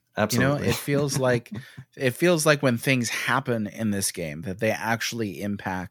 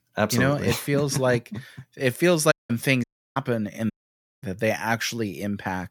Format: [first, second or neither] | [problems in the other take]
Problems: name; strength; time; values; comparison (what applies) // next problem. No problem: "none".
first | audio cutting out; at 2.5 s, at 3 s and at 4 s for 0.5 s